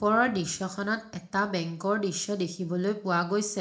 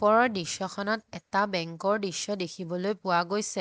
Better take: second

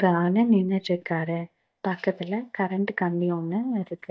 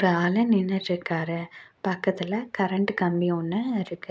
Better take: second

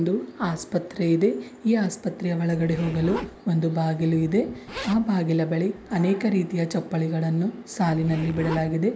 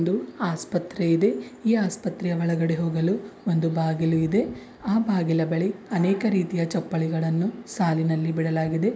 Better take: second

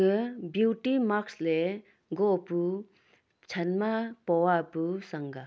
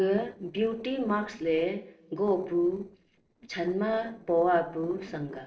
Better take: first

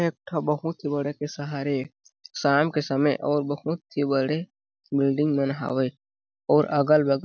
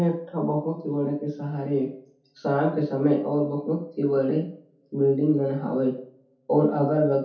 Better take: first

